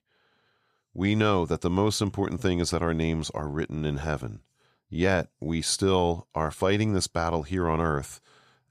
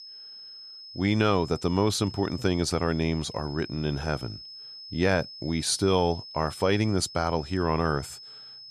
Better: first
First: none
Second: high-pitched whine; noticeable; throughout; 5 kHz, 15 dB below the speech

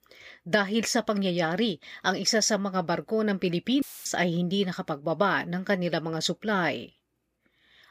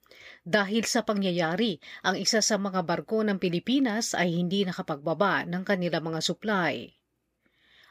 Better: second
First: audio cutting out; filled with static; at 4 s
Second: none

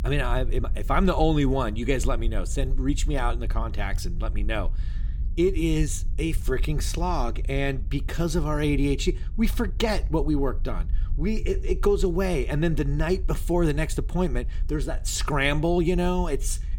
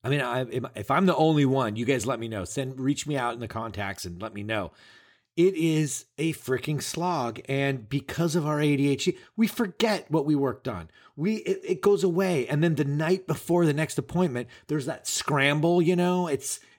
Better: second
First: low rumble; faint; throughout; 25 dB below the speech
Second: none

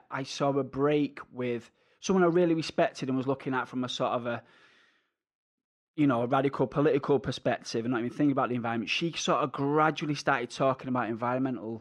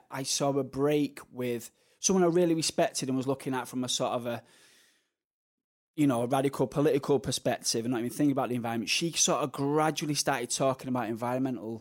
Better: second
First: muffled; slightly; fading above 3 kHz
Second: none

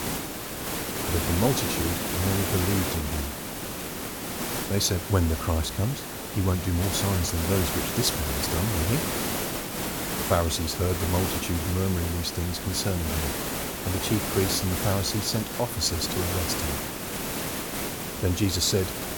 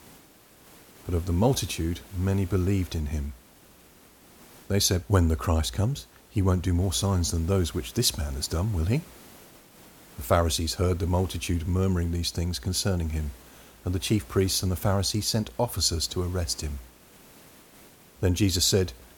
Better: second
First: hiss; loud; throughout; 2 dB below the speech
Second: hiss; faint; throughout; 25 dB below the speech

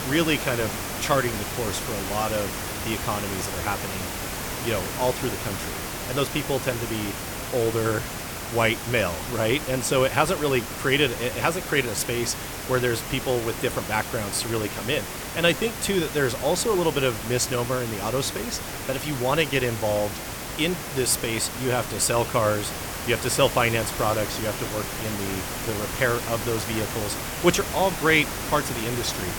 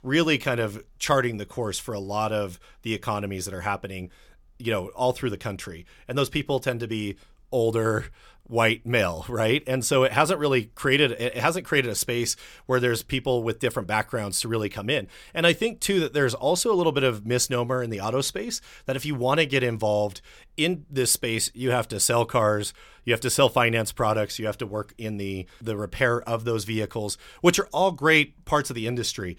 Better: second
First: hiss; loud; throughout; 5 dB below the speech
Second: none

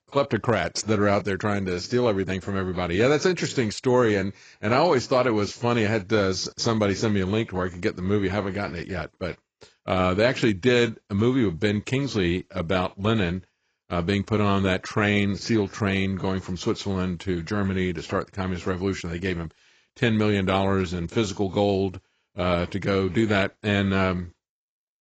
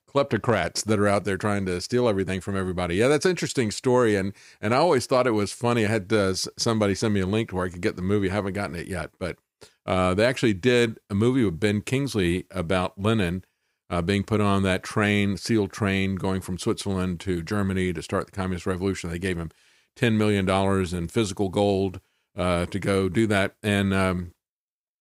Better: second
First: garbled, watery; badly; nothing above 7.5 kHz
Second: none

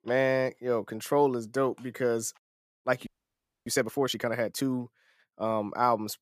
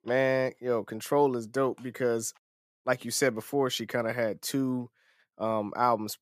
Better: second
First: audio freezing; at 3 s for 0.5 s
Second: none

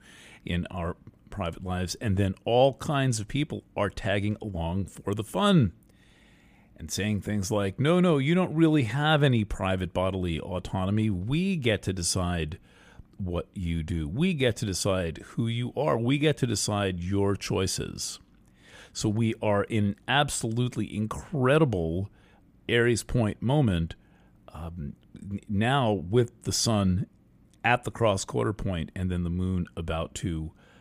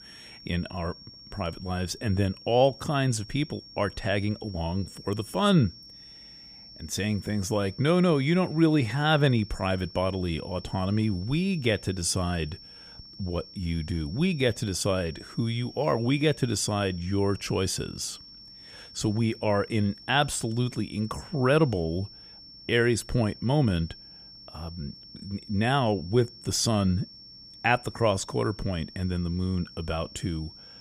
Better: first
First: none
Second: high-pitched whine; noticeable; throughout; 5.5 kHz, 20 dB below the speech

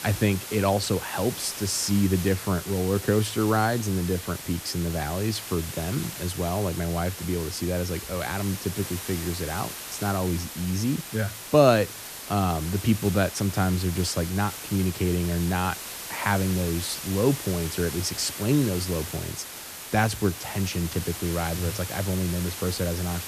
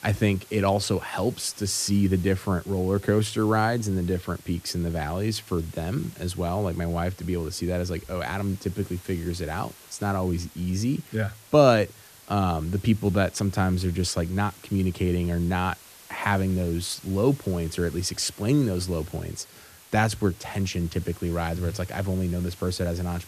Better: second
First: hiss; loud; throughout; 8 dB below the speech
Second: hiss; faint; throughout; 20 dB below the speech

